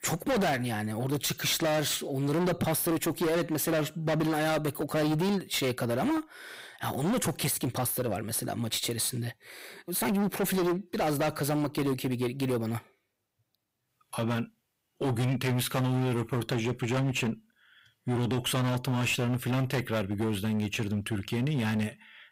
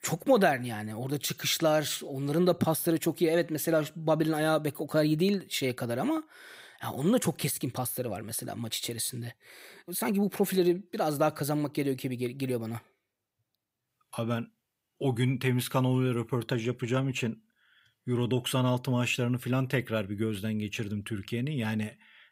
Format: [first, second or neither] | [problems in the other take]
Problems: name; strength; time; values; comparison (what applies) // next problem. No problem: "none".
second | distortion; heavy; 21% of the sound clipped